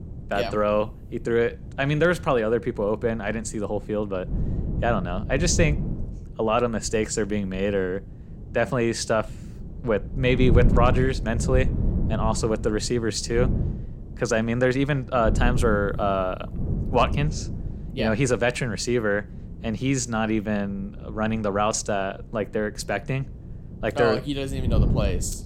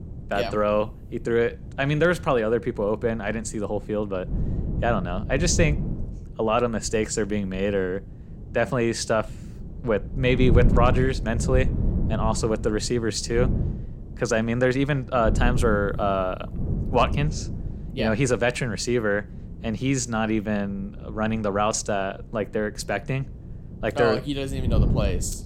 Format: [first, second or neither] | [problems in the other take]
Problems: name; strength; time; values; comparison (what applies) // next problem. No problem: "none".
neither | wind noise on the microphone; occasional gusts; 15 dB below the speech; the same in both